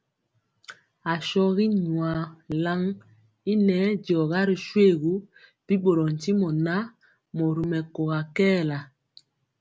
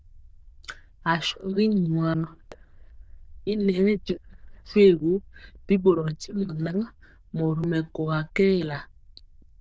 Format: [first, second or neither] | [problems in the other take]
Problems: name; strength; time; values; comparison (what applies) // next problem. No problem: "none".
first | noise reduction (neural diffusion model UNIVERSE++)